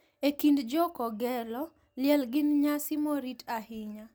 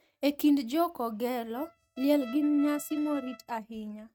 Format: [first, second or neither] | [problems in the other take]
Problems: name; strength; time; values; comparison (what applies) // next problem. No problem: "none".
first | noise reduction (neural mask model RNNoise)